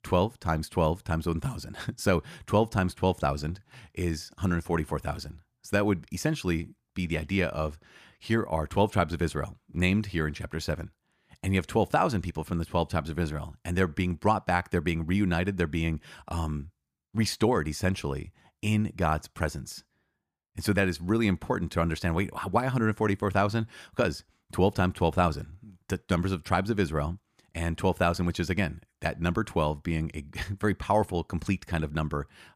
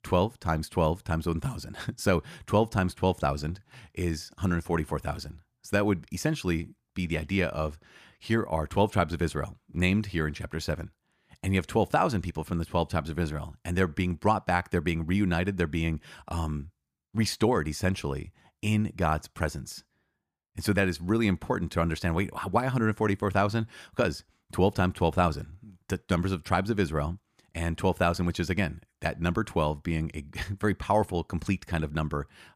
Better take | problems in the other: neither | none

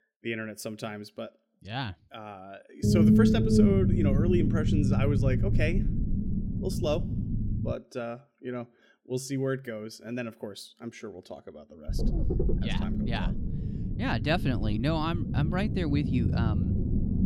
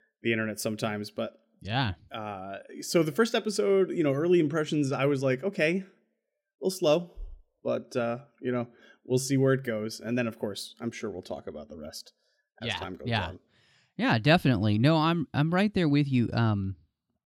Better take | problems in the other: second | low rumble; loud; from 3 to 7.5 s and from 12 s on; 1 dB below the speech

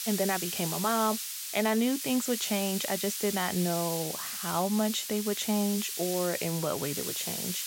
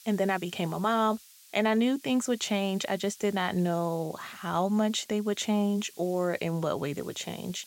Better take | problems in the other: second | hiss; loud; throughout; 3 dB below the speech; faint in the second

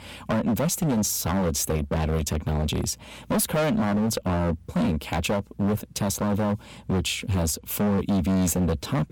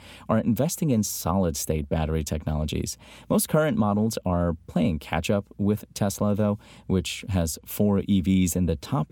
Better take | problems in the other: second | distortion; heavy; 20% of the sound clipped

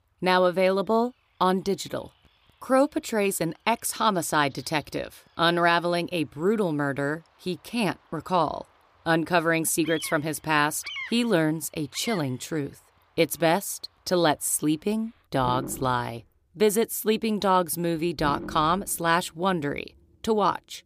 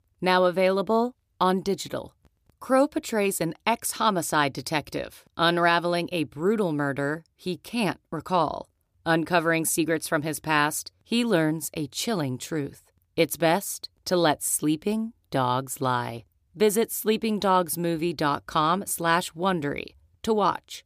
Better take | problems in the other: second | animal sounds; noticeable; throughout; 15 dB below the speech

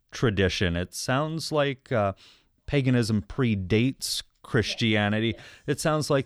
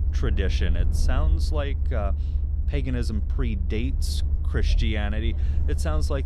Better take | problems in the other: first | low rumble; noticeable; throughout; 10 dB below the speech

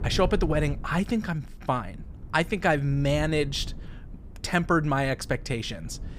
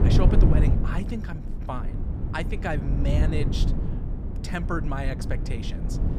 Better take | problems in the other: first | low rumble; loud; throughout; 4 dB below the speech; faint in the first

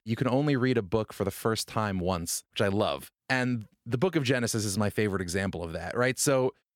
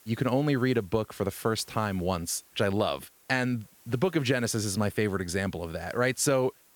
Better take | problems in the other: first | hiss; faint; throughout; 25 dB below the speech

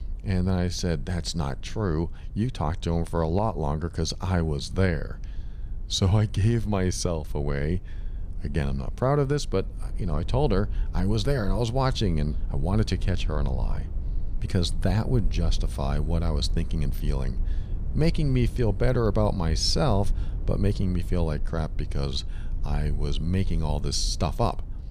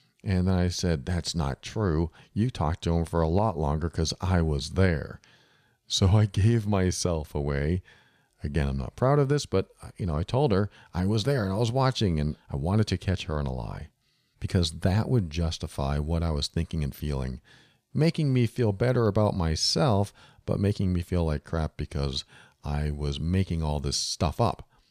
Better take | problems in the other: second | low rumble; faint; throughout; 20 dB below the speech

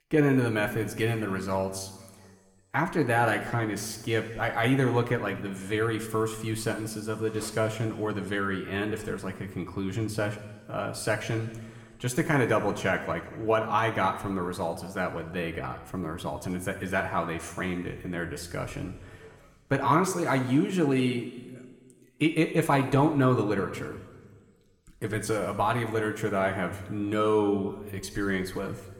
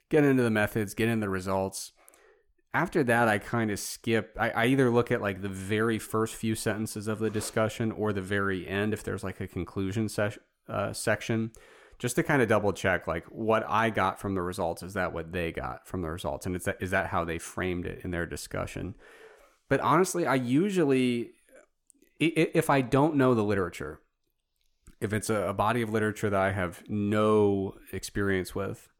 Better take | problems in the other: second | room echo; slight; dies away in 1.4 s

